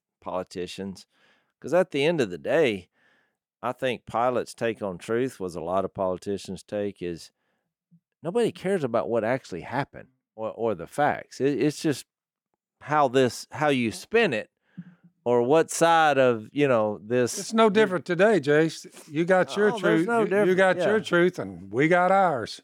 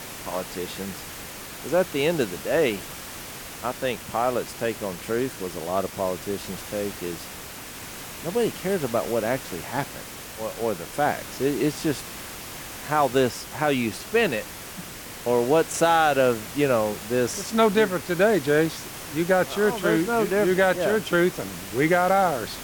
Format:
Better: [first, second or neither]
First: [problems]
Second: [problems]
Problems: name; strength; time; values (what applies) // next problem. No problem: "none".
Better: first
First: none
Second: hiss; noticeable; throughout; 10 dB below the speech